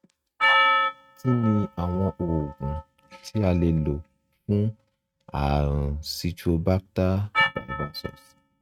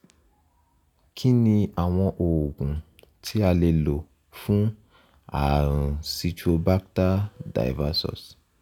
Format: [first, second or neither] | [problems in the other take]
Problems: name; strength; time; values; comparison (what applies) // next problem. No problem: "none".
second | noise reduction (neural mask model RNNoise)